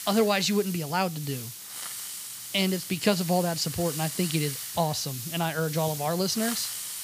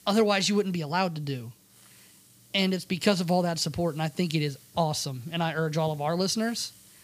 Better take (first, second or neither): second